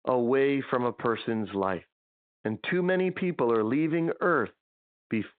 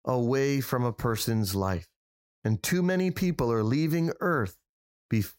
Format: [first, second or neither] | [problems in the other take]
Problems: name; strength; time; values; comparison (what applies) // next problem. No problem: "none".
second | phone-call audio; nothing above 3.5 kHz